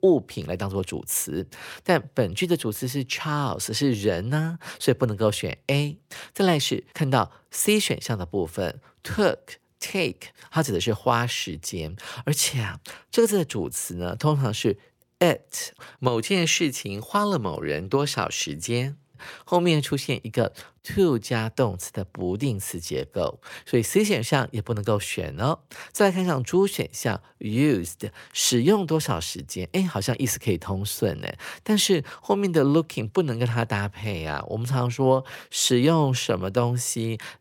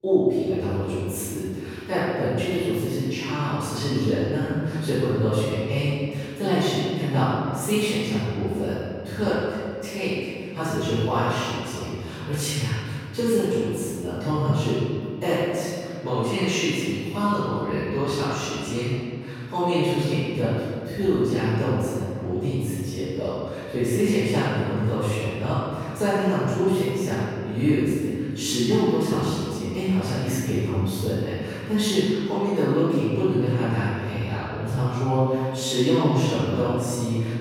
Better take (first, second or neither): first